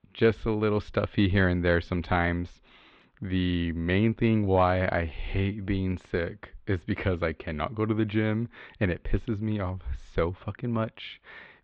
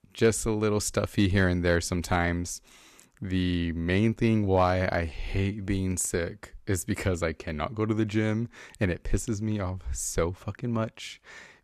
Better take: second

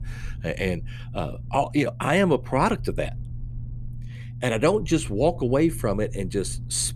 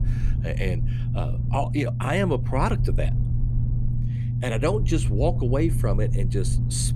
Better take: first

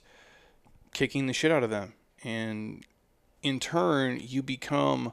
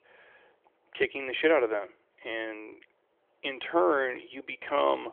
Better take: first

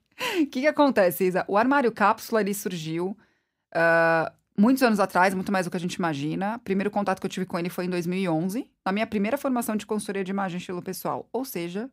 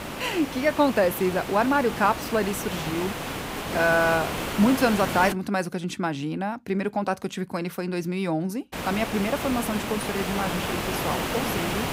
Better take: first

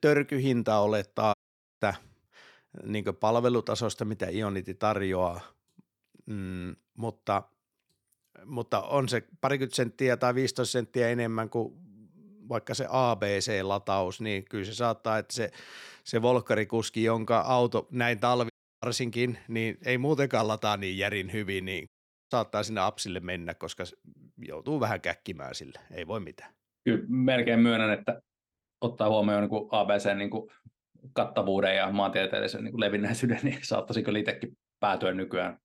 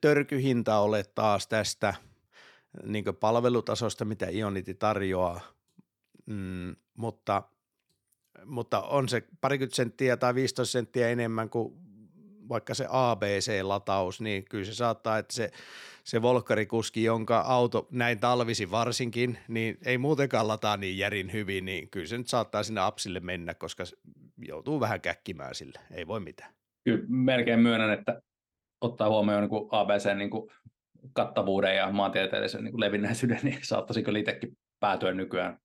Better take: second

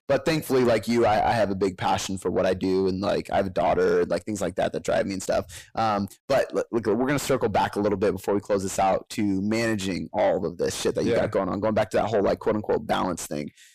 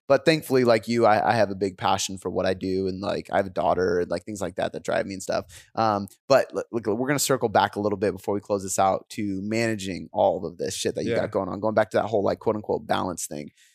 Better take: second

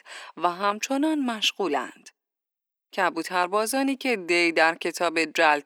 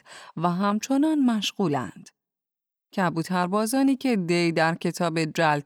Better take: second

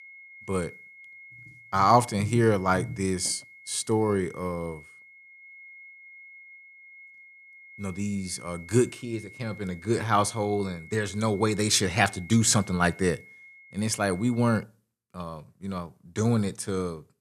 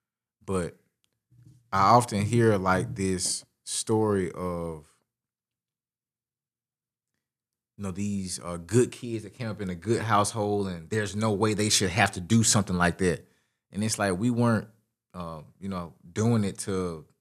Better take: second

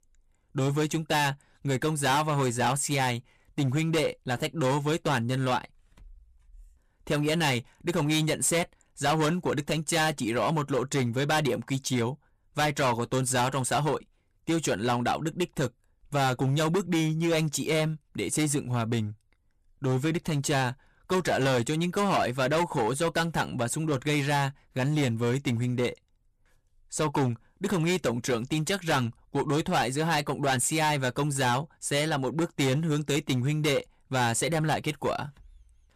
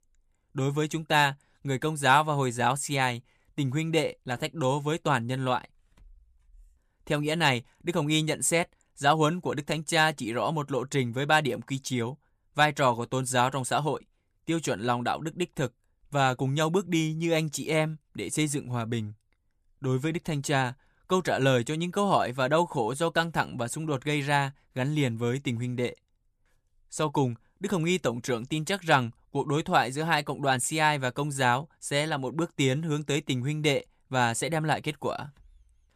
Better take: second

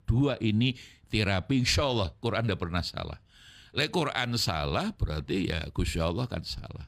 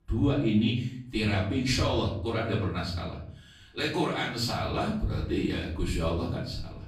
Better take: first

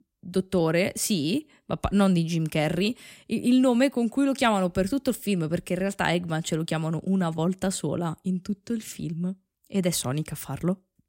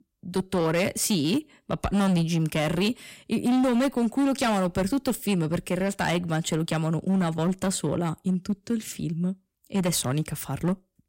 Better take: first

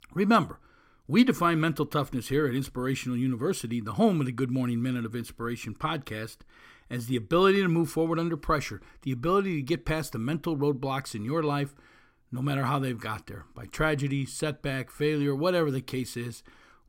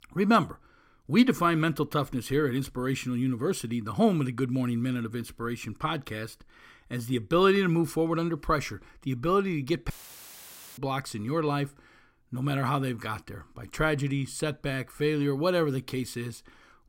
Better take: first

